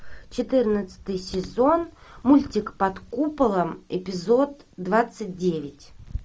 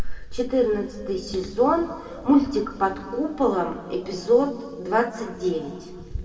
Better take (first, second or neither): first